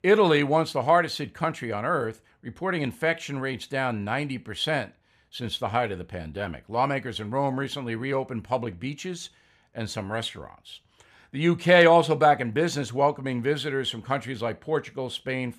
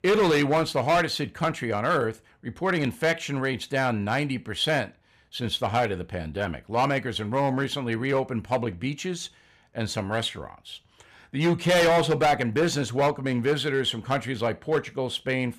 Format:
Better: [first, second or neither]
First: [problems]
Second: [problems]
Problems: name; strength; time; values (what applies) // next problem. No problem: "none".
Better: first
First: none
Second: distortion; heavy; 6% of the sound clipped